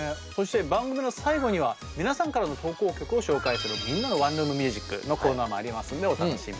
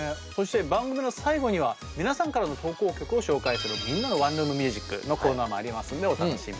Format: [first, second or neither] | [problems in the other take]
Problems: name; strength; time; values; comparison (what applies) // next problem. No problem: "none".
second | background sound (Crow); 19 dB below the speech